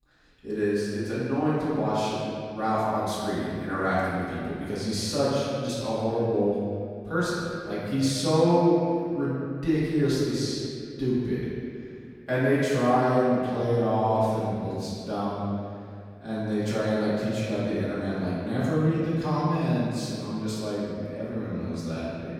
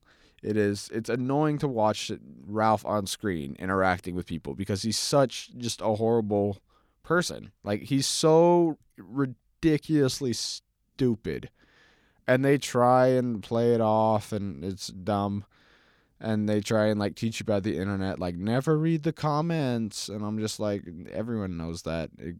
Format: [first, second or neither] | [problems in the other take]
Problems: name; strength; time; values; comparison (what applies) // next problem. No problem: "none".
second | room echo; strong; dies away in 2.3 s // off-mic speech; far